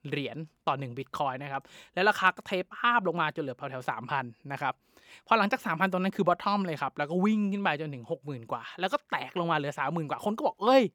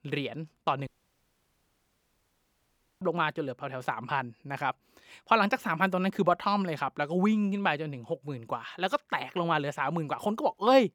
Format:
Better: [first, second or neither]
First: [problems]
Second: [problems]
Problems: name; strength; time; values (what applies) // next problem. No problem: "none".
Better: first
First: none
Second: audio cutting out; at 1 s for 2 s